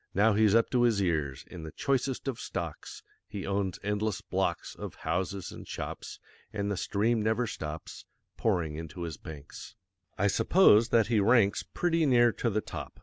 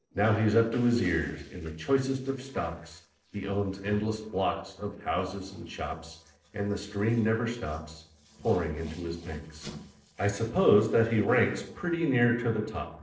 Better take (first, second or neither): first